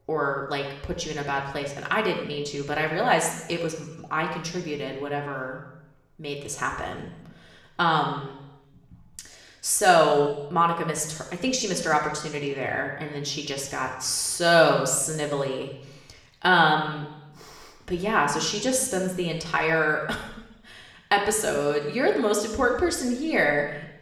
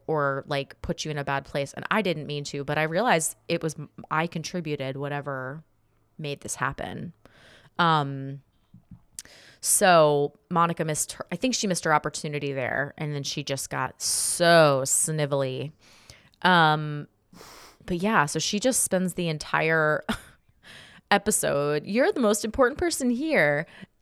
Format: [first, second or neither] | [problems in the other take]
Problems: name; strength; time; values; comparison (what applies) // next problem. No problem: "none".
second | room echo; noticeable; dies away in 0.9 s // off-mic speech; somewhat distant